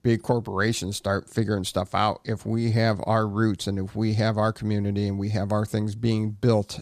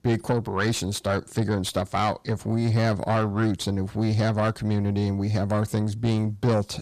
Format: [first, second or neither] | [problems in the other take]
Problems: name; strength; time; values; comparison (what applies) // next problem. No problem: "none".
first | distortion; slight; 10 dB below the speech